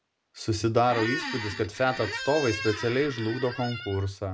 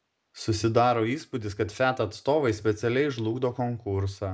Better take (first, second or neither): second